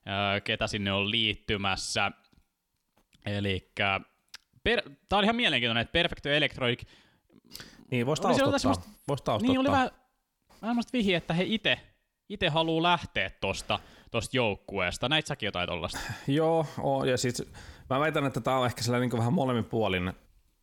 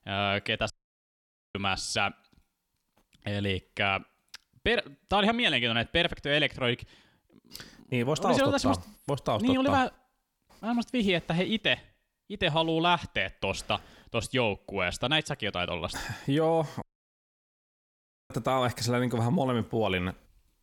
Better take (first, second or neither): first